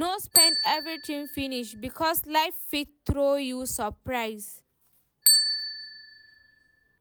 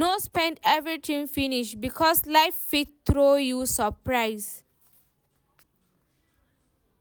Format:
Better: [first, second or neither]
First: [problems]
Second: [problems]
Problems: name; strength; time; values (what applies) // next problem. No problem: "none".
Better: second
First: background sound (Bicycle bell); 1 dB above the speech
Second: none